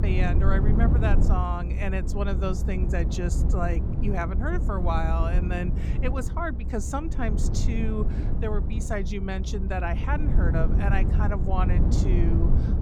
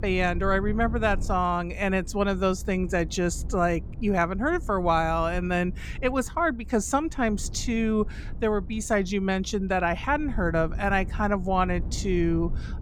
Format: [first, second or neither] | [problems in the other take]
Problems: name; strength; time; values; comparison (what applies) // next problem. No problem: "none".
second | low rumble; loud; throughout; 6 dB below the speech; faint in the second